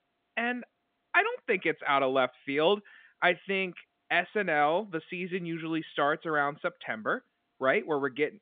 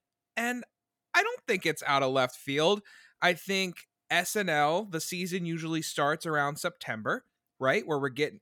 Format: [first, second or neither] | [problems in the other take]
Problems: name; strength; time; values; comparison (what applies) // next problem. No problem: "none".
second | phone-call audio